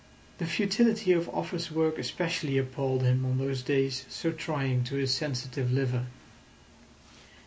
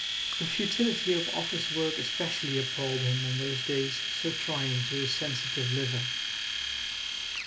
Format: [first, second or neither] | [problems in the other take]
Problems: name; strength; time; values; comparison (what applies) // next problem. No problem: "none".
first | background sound (Domestic sounds, home sounds); as loud as the speech